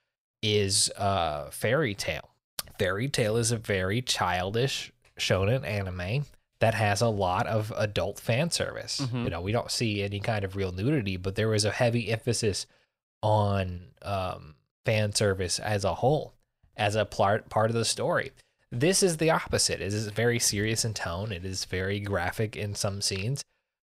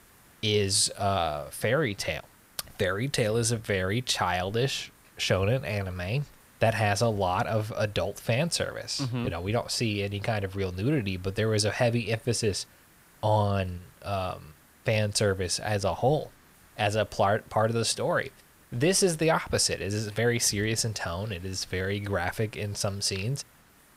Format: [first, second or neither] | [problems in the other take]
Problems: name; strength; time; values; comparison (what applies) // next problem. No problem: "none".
first | hiss; faint; throughout; 30 dB below the speech